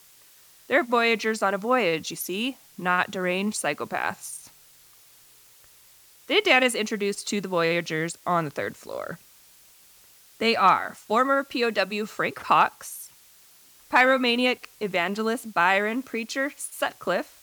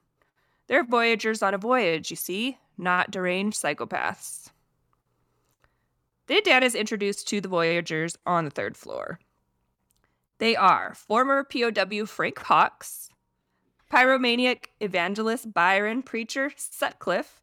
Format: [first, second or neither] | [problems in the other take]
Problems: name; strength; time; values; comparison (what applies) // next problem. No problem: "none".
second | hiss; faint; throughout; 25 dB below the speech